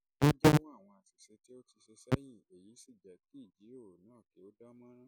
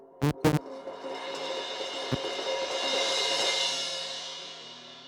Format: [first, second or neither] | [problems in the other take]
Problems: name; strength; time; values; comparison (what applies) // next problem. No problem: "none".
first | background sound (Crash cymbal); 3 dB above the speech